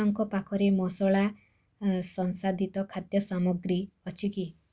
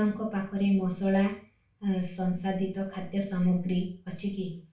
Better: first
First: none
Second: room echo; dies away in 0.4 s

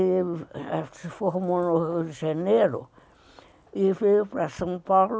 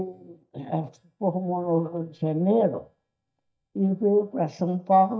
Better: first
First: none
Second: noise reduction (neural mask model DeepFilterNet 3)

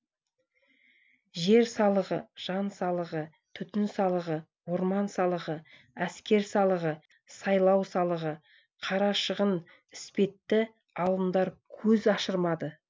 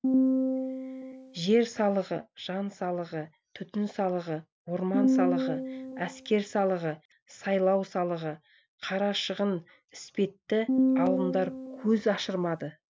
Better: first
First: none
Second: background sound (Piano); 1 dB above the speech

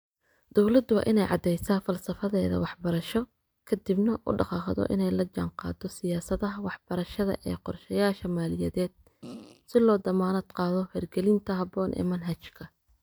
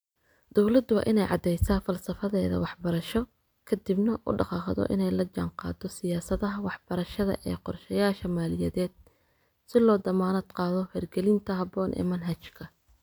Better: second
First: noise reduction (neural mask model DeepFilterNet 3)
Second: none

